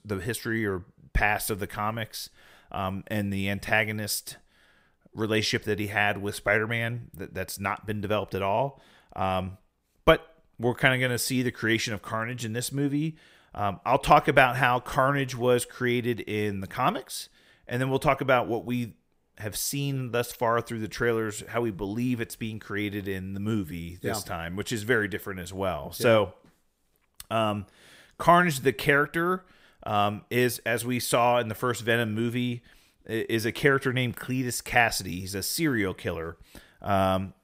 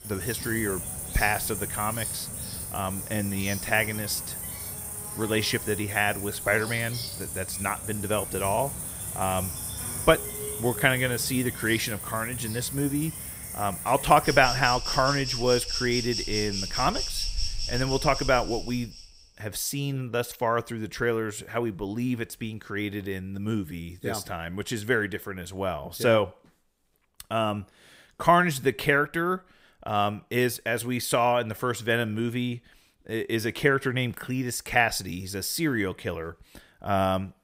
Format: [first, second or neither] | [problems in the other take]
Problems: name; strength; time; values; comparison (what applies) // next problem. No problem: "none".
first | animal sounds; loud; until 19 s; 5 dB below the speech